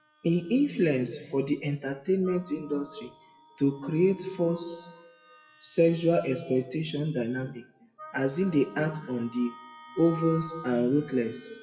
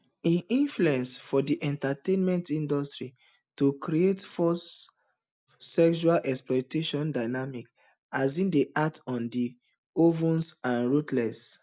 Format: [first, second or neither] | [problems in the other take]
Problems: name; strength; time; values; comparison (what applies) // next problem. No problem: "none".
second | noise reduction (classical method WPE with log-MMSE)